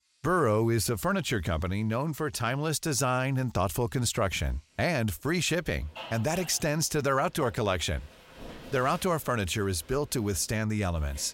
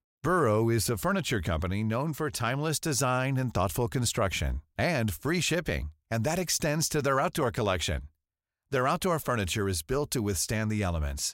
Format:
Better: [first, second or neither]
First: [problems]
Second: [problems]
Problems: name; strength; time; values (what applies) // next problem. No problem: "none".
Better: second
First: household noises; faint; throughout; 20 dB below the speech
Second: none